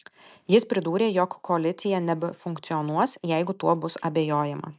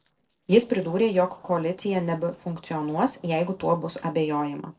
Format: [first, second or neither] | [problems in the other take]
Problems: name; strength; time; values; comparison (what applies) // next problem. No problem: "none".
first | noise reduction (neural separator model SepFormer DNS4)